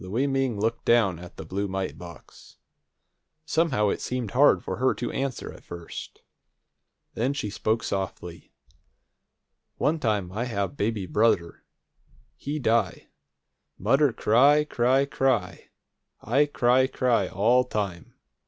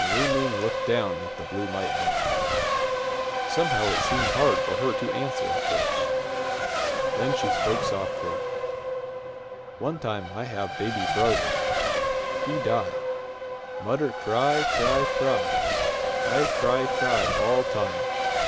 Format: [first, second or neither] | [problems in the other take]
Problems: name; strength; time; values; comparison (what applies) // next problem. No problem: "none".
first | background sound (Race car, auto racing); 4 dB above the speech